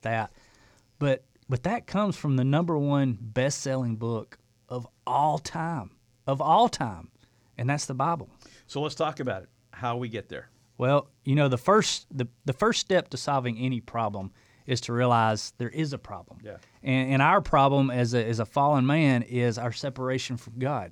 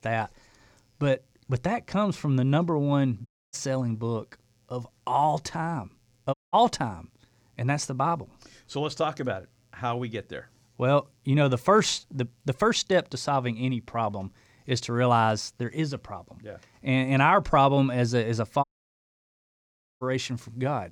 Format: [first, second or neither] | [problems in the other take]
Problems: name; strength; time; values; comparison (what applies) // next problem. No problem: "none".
first | audio cutting out; at 3.5 s, at 6.5 s and at 19 s for 1.5 s